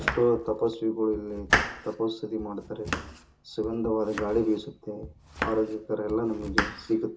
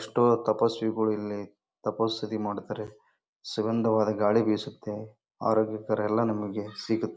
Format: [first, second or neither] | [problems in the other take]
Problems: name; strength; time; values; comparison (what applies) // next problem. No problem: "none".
second | background sound (Domestic sounds, home sounds); 5 dB below the speech // room echo; dies away in 0.2 s